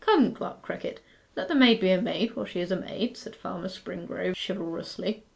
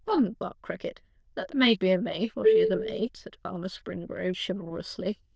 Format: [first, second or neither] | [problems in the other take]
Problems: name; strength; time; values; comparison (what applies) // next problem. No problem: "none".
first | noise reduction (neural diffusion model UNIVERSE++)